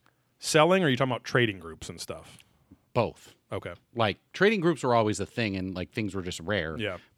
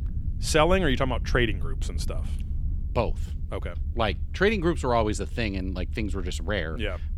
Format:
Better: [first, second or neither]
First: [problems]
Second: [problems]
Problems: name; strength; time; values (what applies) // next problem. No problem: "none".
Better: first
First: none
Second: low rumble; faint; throughout; 25 dB below the speech